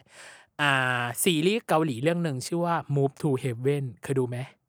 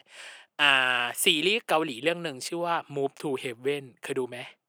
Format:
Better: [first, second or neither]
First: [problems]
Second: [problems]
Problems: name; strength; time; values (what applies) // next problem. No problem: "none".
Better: first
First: none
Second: thin; somewhat; fading below 300 Hz